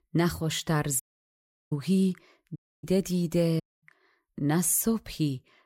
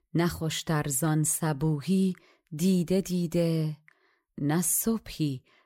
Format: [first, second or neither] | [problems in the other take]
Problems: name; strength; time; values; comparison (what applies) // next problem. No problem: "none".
second | audio cutting out; at 1 s for 0.5 s, at 2.5 s and at 3.5 s